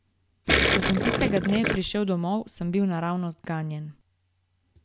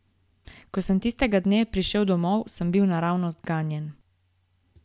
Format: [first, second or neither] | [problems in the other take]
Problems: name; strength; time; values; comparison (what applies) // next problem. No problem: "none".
second | background sound (Gurgling); 2 dB above the speech